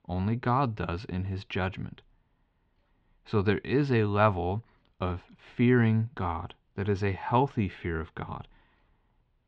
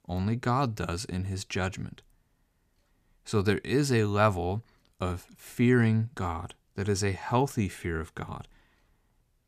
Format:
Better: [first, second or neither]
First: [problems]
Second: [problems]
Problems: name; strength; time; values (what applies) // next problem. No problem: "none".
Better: second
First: muffled; slightly; fading above 3.5 kHz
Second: none